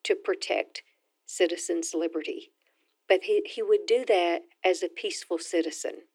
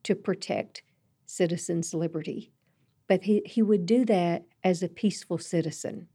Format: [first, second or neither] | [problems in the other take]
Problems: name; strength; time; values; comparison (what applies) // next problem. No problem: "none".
second | thin; very; fading below 300 Hz